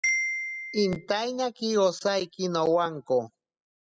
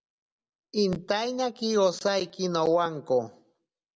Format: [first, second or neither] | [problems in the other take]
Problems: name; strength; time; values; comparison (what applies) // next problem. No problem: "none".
second | noise reduction (classical method spectral subtraction)